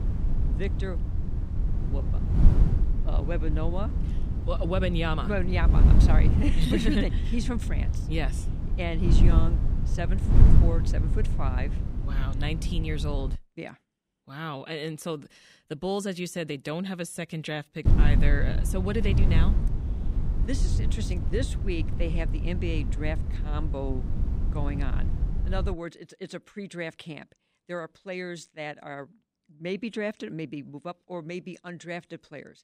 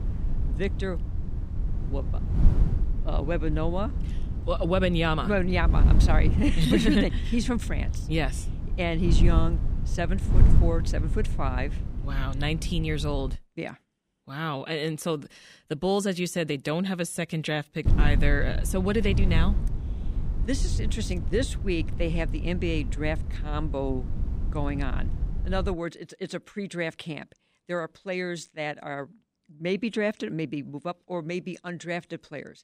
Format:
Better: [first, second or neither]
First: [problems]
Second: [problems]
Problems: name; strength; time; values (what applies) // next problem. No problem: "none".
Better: second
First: wind noise on the microphone; heavy; until 13 s and from 18 to 26 s; 5 dB below the speech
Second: wind noise on the microphone; occasional gusts; until 13 s and from 18 to 26 s; 10 dB below the speech